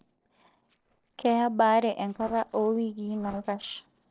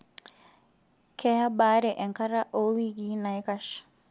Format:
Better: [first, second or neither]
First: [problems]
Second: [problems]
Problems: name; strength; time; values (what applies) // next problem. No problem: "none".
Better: second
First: noise reduction (neural separator model SepFormer DNS4)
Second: none